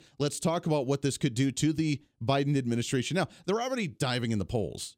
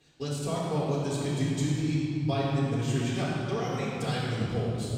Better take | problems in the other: first | room echo; strong; dies away in 3 s // off-mic speech; far

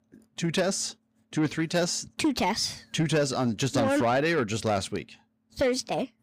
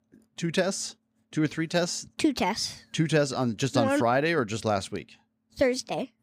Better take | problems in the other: second | distortion; slight; 10 dB below the speech

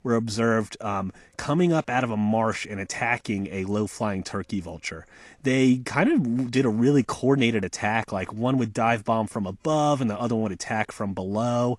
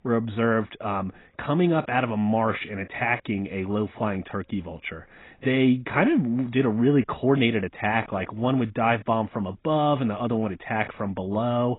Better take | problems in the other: first | garbled, watery; badly; nothing above 3.5 kHz; slightly in the first

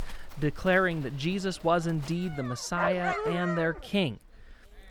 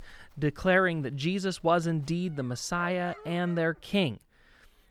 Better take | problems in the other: second | animal sounds; loud; throughout; 5 dB below the speech; faint in the second

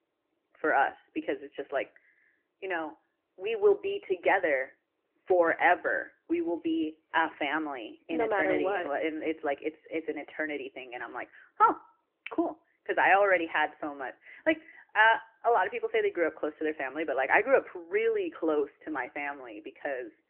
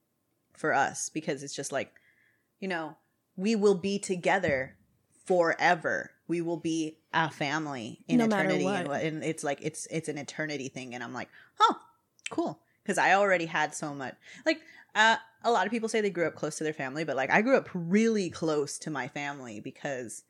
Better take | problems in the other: second | phone-call audio; nothing above 3 kHz

